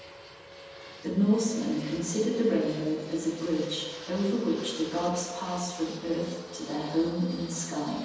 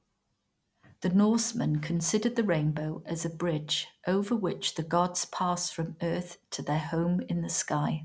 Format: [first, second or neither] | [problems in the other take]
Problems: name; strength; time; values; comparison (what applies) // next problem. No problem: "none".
second | background sound (Fixed-wing aircraft, airplane); 14 dB below the speech // room echo; dies away in 1.1 s